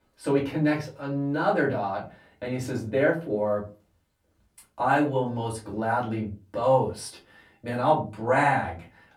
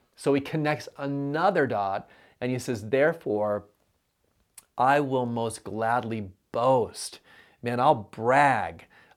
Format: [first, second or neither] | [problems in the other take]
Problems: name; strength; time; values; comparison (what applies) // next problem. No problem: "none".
second | off-mic speech; far // room echo; very slight; dies away in 0.3 s